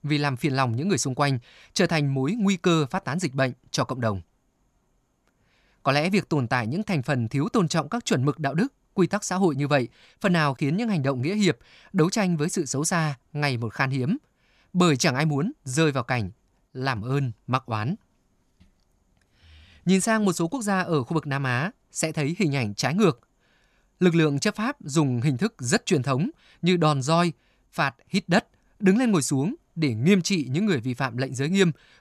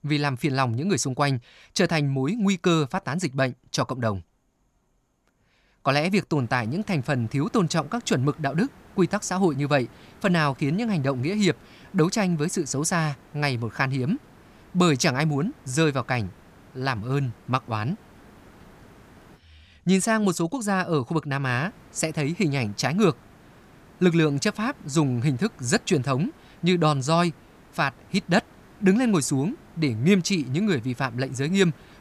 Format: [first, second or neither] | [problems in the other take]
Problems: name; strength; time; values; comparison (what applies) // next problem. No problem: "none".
first | hiss; faint; from 6.5 to 19 s and from 21 s on; 25 dB below the speech